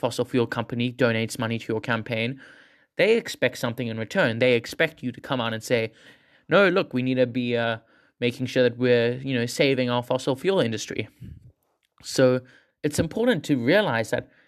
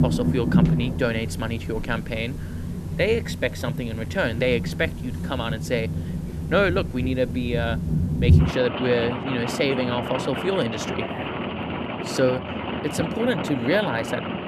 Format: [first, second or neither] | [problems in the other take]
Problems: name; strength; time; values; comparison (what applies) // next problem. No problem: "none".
first | rain or running water; loud; throughout; 1 dB below the speech